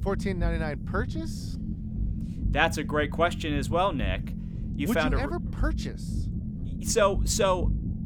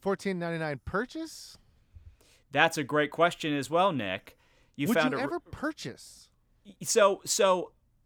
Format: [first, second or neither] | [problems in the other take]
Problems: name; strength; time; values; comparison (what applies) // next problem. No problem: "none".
second | low rumble; noticeable; throughout; 15 dB below the speech